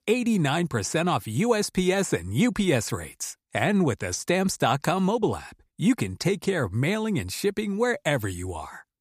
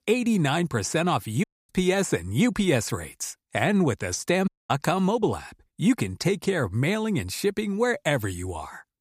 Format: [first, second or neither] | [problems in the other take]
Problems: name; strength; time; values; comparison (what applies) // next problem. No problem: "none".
first | audio cutting out; at 1.5 s and at 4.5 s